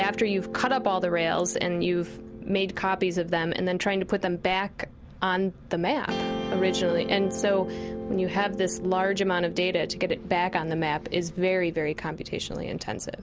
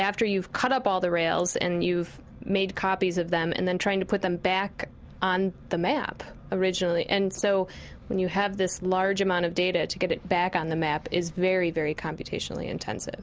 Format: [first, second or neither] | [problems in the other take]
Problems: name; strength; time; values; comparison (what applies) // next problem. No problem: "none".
second | background sound (Guitar); 10 dB below the speech